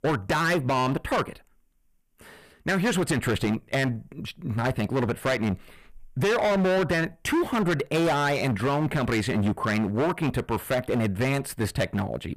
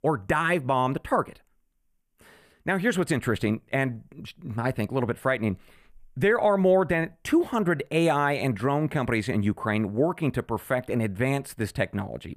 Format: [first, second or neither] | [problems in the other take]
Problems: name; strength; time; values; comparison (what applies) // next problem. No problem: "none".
second | distortion; heavy; 17% of the sound clipped